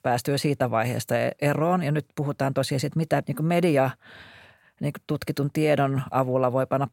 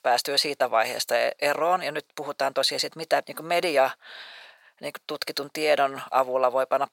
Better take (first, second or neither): first